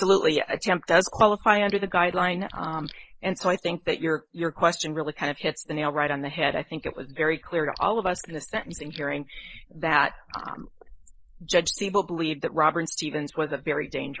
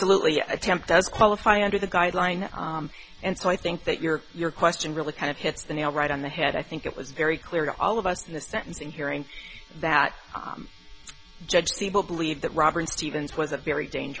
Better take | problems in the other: second | noise reduction (neural mask model Resemble Enhance denoiser)

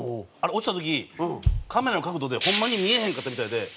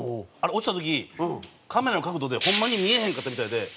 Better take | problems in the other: second | background sound (Bass drum); 5 dB below the speech

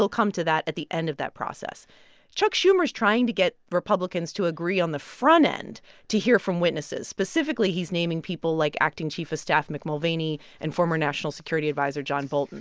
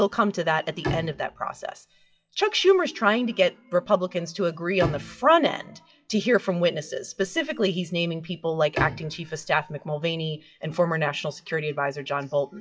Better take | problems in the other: first | noise reduction (classical method WPE with log-MMSE)

